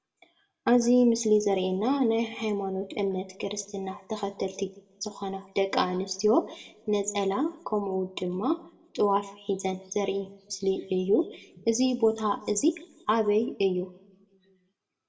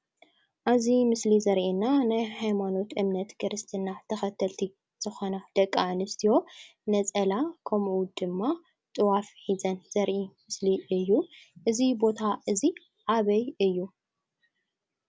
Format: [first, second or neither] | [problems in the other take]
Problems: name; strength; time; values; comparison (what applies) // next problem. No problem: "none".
second | room echo; dies away in 0.6 s